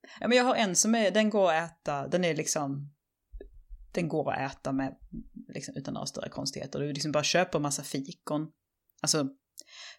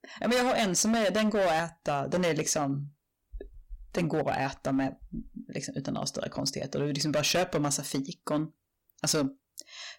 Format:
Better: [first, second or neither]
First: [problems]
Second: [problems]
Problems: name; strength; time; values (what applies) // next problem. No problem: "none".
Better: first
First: none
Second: distortion; heavy; 10% of the sound clipped